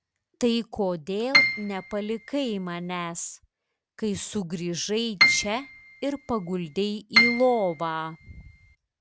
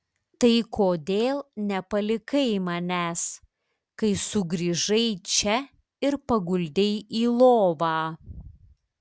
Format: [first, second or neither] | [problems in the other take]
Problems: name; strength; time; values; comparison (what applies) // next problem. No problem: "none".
second | background sound (Piano); 2 dB above the speech